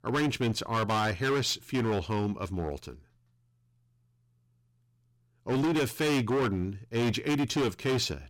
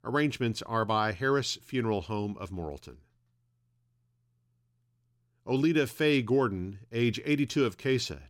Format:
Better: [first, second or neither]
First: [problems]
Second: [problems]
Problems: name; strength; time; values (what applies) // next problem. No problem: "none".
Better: second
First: distortion; heavy; 14% of the sound clipped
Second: none